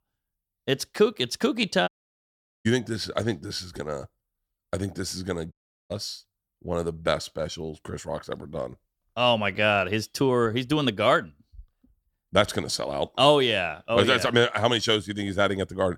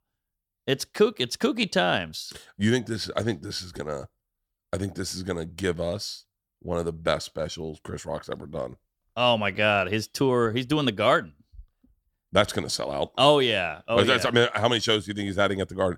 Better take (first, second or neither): second